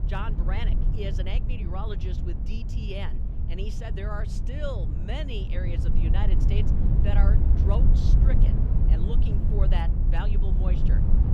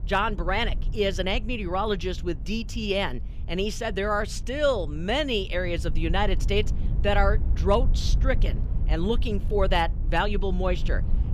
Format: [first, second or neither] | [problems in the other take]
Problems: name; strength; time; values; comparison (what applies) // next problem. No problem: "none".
second | wind noise on the microphone; heavy; 2 dB below the speech; occasional gusts in the second